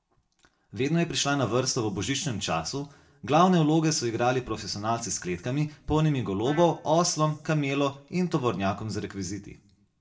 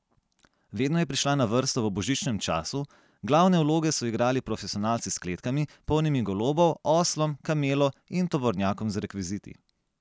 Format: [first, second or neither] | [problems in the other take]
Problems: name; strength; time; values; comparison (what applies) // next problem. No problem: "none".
second | background sound (Trumpet); 19 dB below the speech // room echo; dies away in 0.3 s